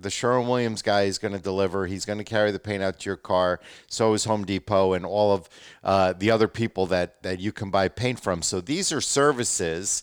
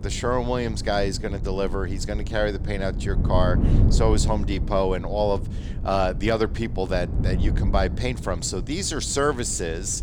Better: first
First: none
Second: wind noise on the microphone; occasional gusts; 15 dB below the speech

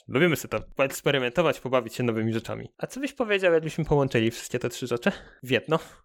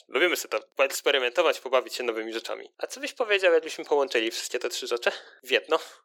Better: first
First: none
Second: thin; very; fading below 350 Hz

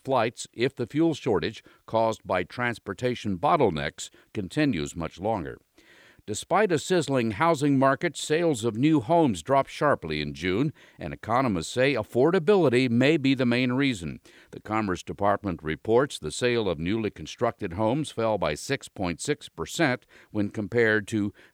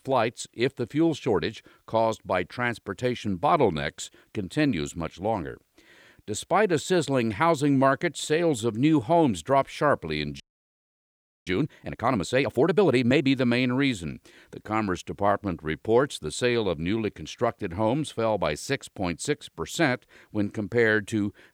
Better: first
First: none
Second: audio freezing; at 10 s for 1 s

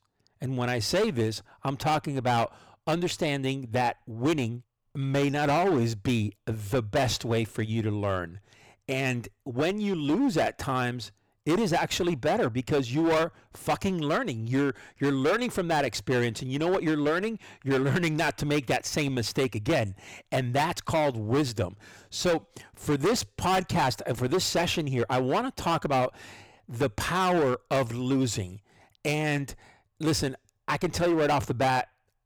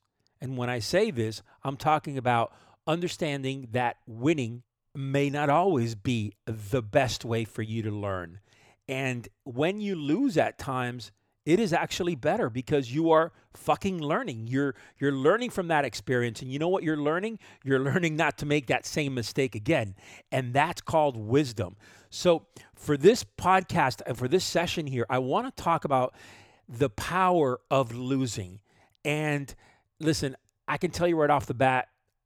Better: second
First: distortion; heavy; 13% of the sound clipped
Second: none

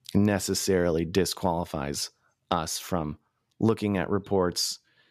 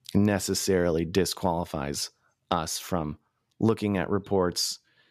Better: neither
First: none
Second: none

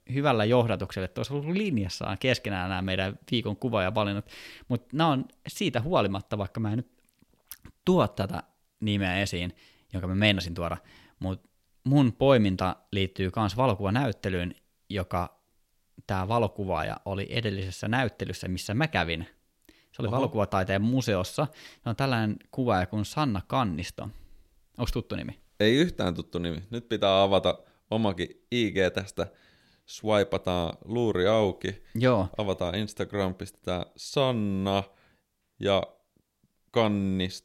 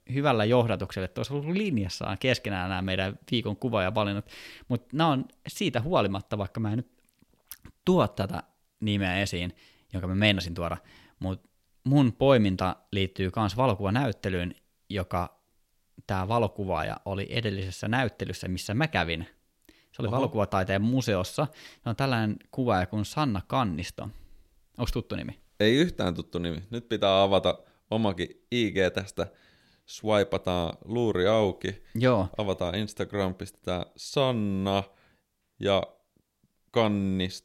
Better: neither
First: none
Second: none

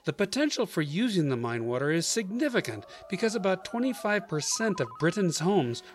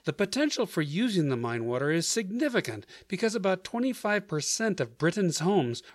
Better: second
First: alarms or sirens; noticeable; throughout; 20 dB below the speech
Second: none

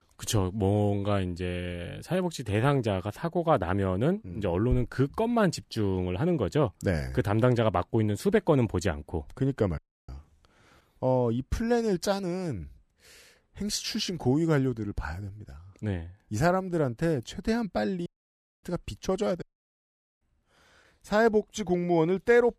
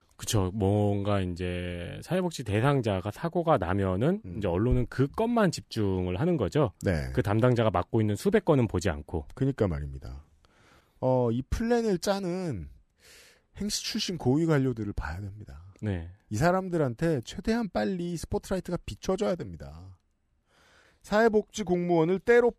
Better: second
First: audio cutting out; at 10 s, at 18 s for 0.5 s and at 19 s for 1 s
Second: none

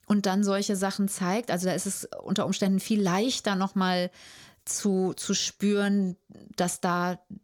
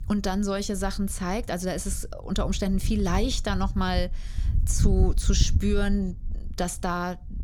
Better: first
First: none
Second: wind noise on the microphone; occasional gusts; 15 dB below the speech

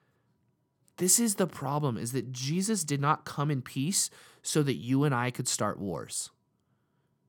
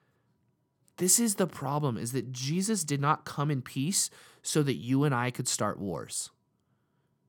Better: neither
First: none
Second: none

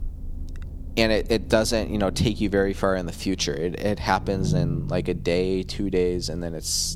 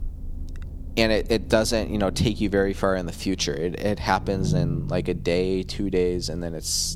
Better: neither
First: low rumble; noticeable; throughout; 20 dB below the speech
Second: low rumble; noticeable; throughout; 20 dB below the speech

